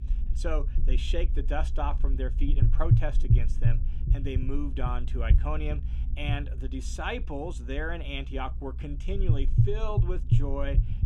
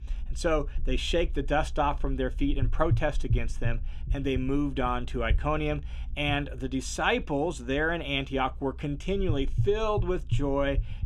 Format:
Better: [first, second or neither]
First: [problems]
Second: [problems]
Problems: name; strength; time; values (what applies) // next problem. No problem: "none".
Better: second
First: low rumble; loud; throughout; 7 dB below the speech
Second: low rumble; faint; throughout; 20 dB below the speech